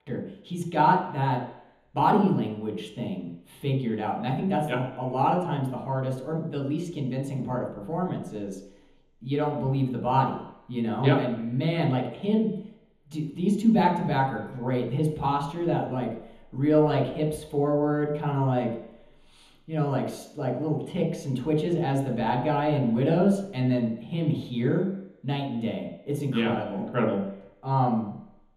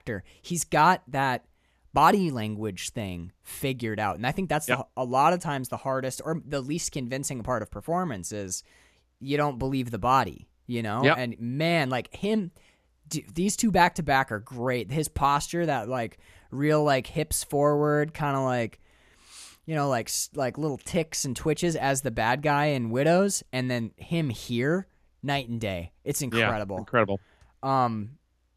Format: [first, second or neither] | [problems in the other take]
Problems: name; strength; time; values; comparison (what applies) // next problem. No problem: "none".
second | room echo; noticeable; dies away in 1 s // off-mic speech; far